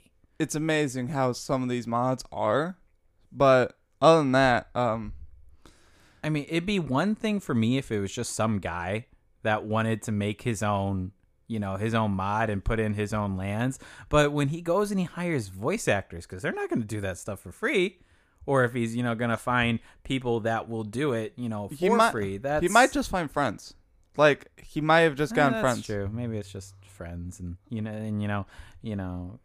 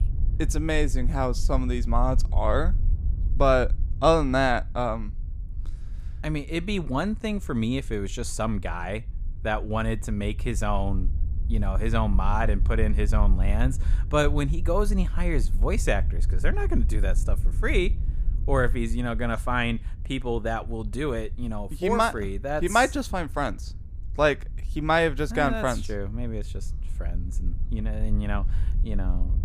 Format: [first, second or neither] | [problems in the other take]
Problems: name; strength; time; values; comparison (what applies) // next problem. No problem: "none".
first | low rumble; faint; throughout; 25 dB below the speech